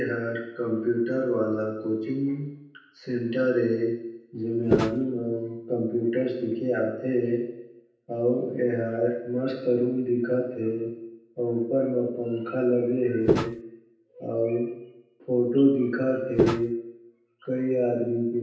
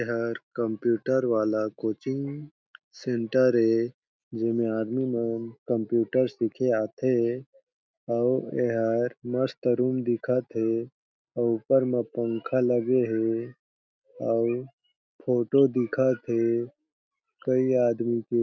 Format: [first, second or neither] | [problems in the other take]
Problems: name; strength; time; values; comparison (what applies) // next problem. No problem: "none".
second | background sound (Walk, footsteps); 2 dB above the speech // room echo; dies away in 0.9 s